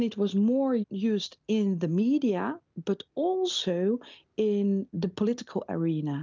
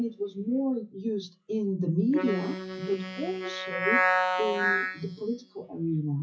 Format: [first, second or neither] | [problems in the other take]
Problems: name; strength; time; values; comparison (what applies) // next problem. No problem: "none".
first | noise reduction (classical method WPE with log-MMSE)